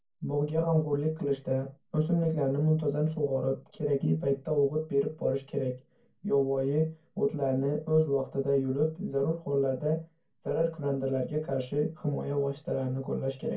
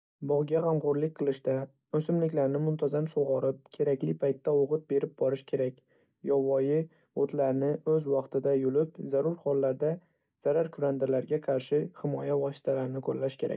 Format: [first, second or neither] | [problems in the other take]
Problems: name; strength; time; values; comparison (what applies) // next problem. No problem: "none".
second | room echo; dies away in 0.2 s